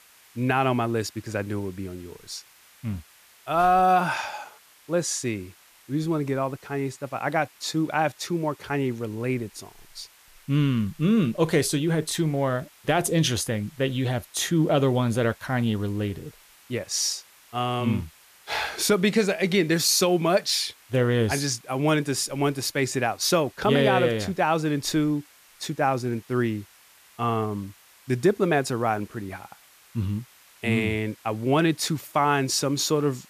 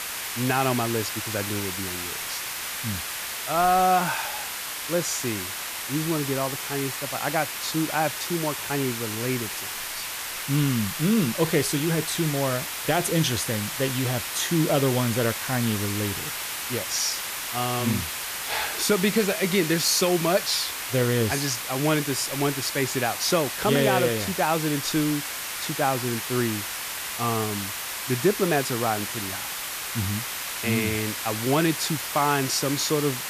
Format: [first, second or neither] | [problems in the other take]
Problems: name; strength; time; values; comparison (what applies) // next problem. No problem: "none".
first | hiss; loud; throughout; 4 dB below the speech; faint in the first